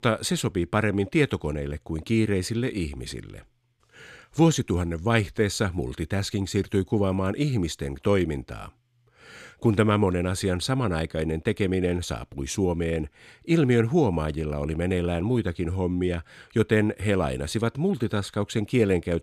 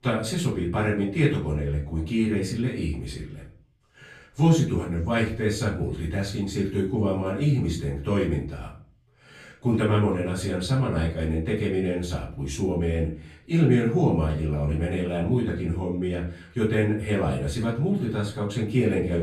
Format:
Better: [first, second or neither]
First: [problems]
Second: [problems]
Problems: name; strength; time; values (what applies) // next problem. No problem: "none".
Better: first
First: none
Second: off-mic speech; far // room echo; slight; dies away in 0.4 s